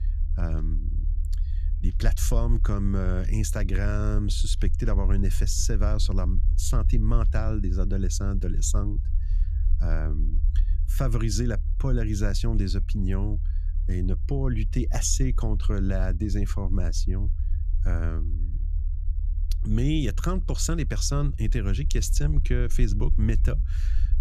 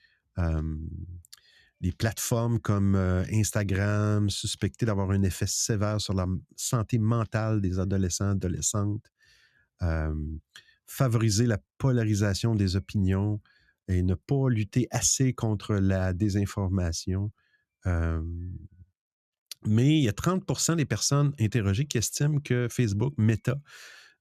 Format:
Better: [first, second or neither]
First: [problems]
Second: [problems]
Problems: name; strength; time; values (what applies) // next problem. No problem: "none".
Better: second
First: low rumble; noticeable; throughout; 15 dB below the speech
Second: none